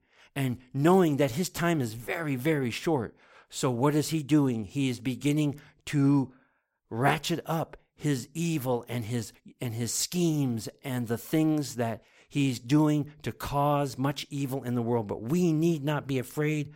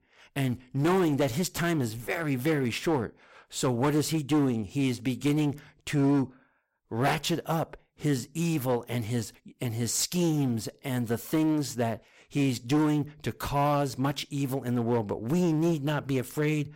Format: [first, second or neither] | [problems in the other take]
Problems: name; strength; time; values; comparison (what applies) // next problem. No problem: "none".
first | distortion; slight; 7% of the sound clipped